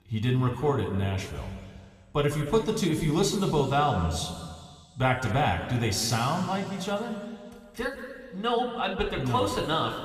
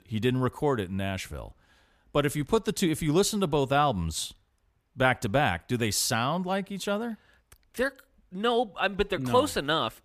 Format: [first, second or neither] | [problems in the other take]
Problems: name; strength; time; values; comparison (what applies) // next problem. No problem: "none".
second | room echo; noticeable; dies away in 2 s // off-mic speech; somewhat distant